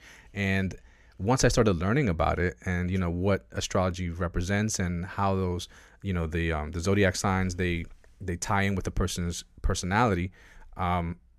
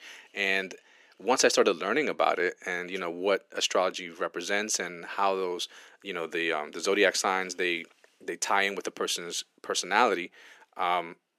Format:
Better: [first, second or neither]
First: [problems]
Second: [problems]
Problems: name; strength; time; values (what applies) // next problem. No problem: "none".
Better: first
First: none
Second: thin; very; fading below 300 Hz